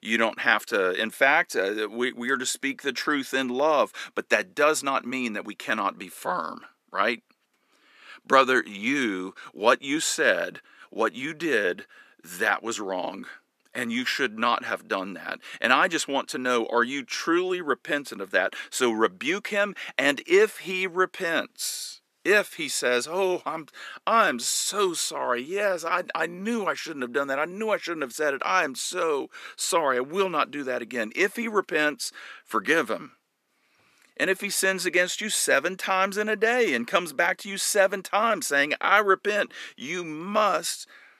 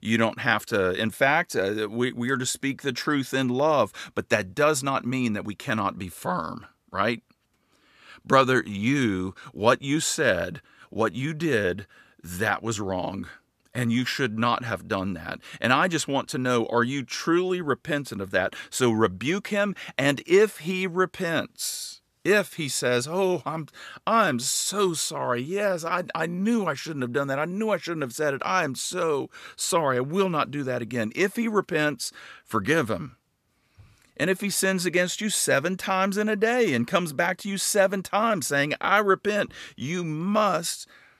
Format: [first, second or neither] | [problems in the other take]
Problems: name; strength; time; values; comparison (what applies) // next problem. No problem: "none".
second | thin; very slightly; fading below 250 Hz